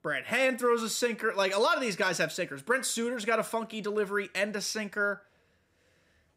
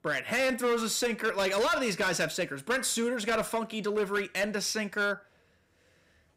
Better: first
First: none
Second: distortion; slight; 10% of the sound clipped

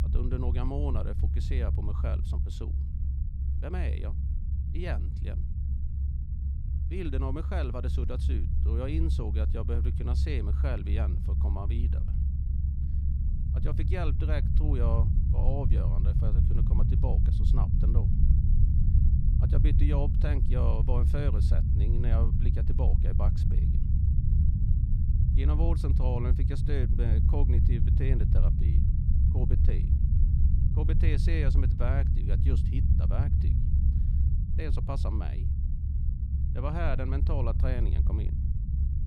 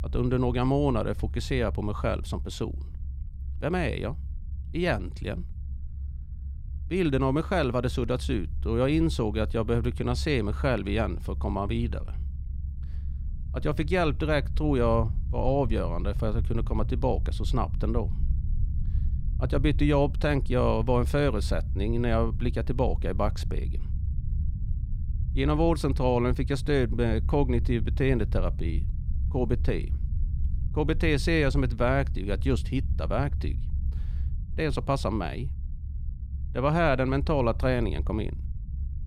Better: second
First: low rumble; loud; throughout; 3 dB below the speech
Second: low rumble; faint; throughout; 20 dB below the speech

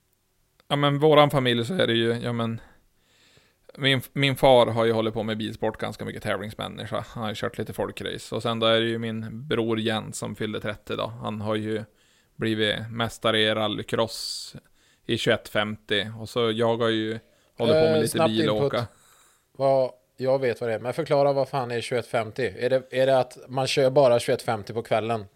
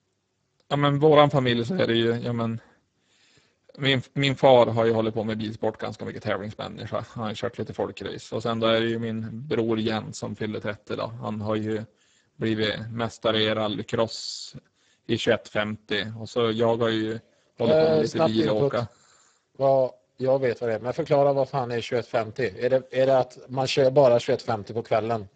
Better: first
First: none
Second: garbled, watery; badly; nothing above 7.5 kHz

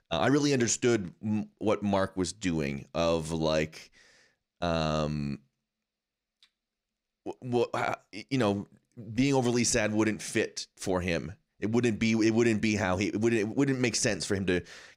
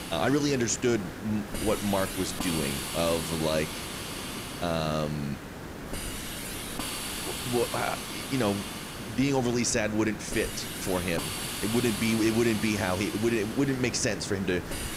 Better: first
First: none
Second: hiss; loud; throughout; 6 dB below the speech

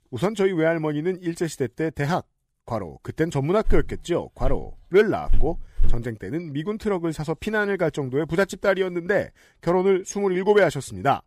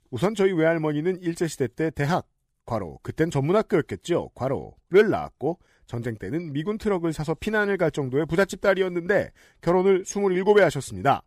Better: second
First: footsteps; noticeable; from 3.5 to 6 s; peak 6 dB below the speech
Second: none

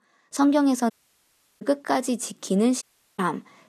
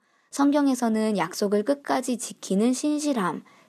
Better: second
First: audio cutting out; at 1 s for 0.5 s and at 3 s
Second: none

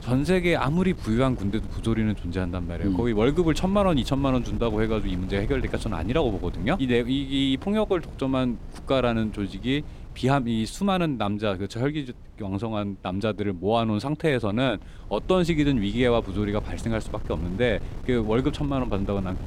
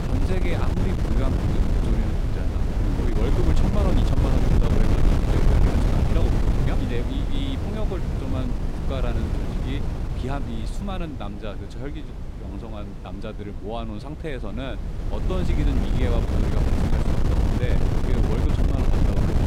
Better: first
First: wind noise on the microphone; occasional gusts; 20 dB below the speech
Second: wind noise on the microphone; heavy; 3 dB above the speech

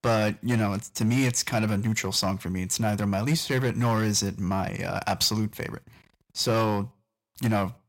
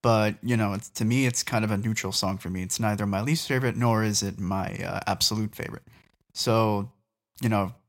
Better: second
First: distortion; slight; 4% of the sound clipped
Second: none

